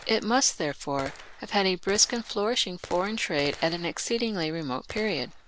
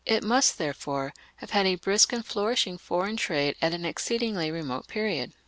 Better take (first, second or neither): second